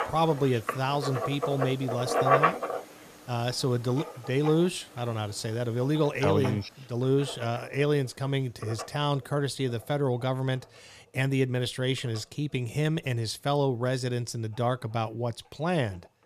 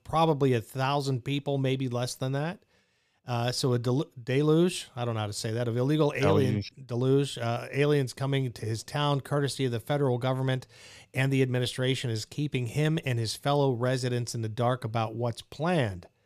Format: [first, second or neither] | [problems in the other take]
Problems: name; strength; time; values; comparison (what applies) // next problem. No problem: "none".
second | household noises; loud; throughout; 3 dB below the speech